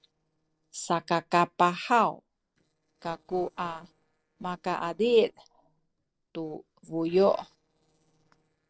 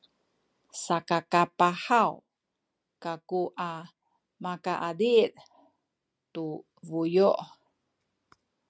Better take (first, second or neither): second